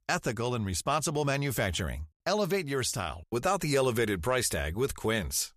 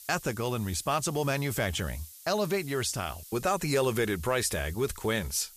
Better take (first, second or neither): first